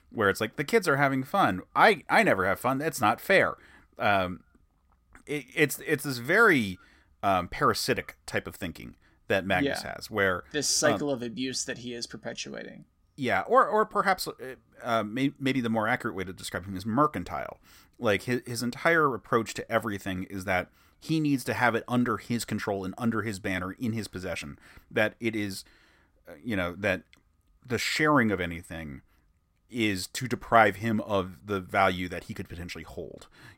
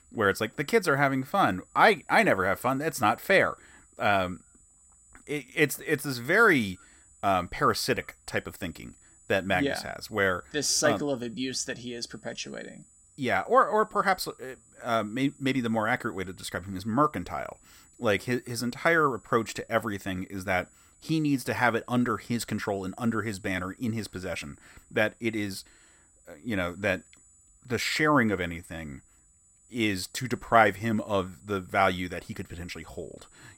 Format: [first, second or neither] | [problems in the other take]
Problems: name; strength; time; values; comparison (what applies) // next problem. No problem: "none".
first | high-pitched whine; faint; throughout; 8 kHz, 30 dB below the speech